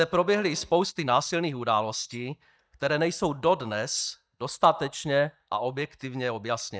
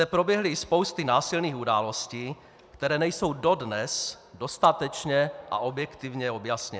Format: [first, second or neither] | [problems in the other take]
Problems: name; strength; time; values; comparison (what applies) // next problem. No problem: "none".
second | noise reduction (neural mask model DeepFilterNet 3)